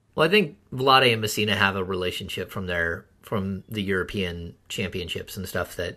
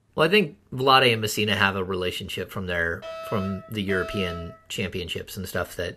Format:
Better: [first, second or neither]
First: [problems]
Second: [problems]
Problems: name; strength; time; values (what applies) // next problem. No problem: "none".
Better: first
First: none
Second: alarm; faint; from 3 to 4.5 s; peak 10 dB below the speech